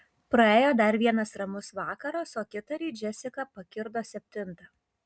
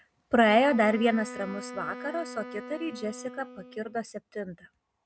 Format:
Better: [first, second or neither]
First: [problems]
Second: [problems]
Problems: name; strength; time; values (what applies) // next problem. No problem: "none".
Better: first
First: none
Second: background sound (Wind instrument, woodwind instrument); 14 dB below the speech